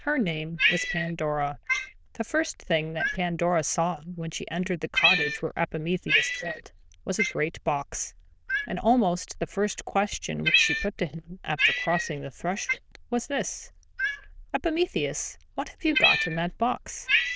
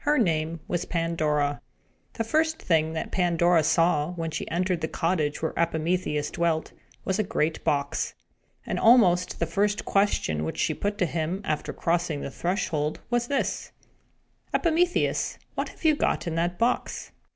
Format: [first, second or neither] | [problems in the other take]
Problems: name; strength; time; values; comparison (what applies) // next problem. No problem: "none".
second | noise reduction (neural diffusion model UNIVERSE++)